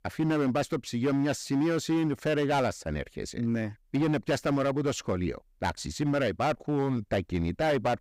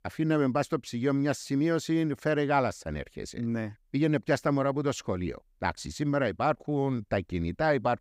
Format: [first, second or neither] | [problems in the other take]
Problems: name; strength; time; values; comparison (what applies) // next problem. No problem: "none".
second | distortion; slight; 11% of the sound clipped